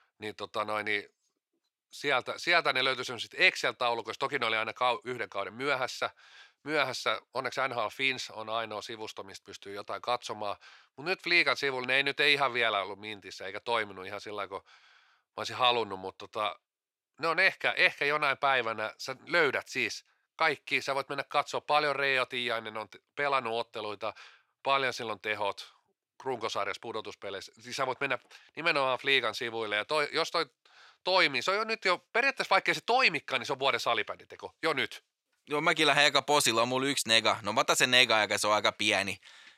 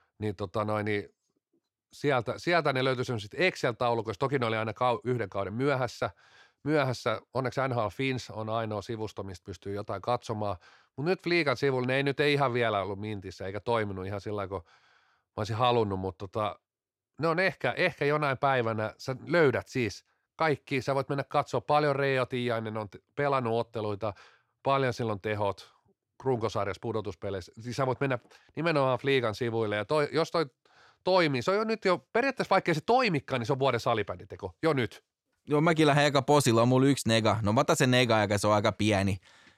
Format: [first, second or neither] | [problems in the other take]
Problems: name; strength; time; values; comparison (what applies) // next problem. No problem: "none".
second | thin; somewhat; fading below 1 kHz